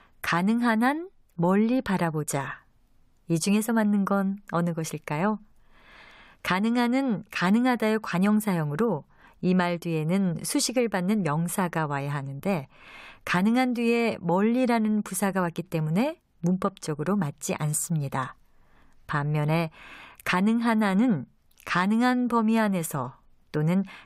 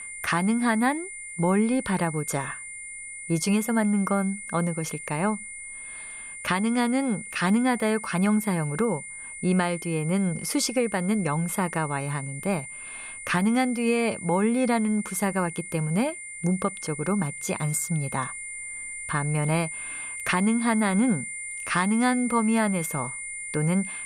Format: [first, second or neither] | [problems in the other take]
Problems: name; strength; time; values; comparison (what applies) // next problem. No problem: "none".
first | high-pitched whine; loud; throughout; 2 kHz, 9 dB below the speech